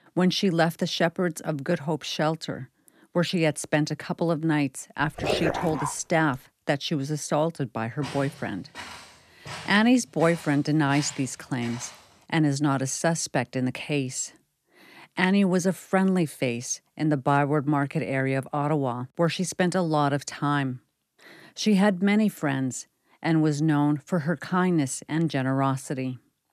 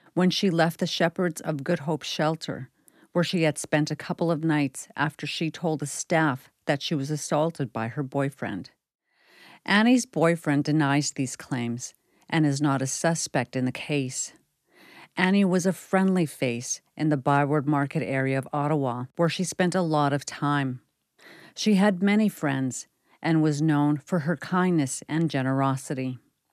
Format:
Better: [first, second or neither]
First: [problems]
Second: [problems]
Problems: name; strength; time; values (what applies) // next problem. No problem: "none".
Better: second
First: dog barking; noticeable; at 5 s; peak 1 dB below the speech // footsteps; faint; from 8 to 12 s; peak 10 dB below the speech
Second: none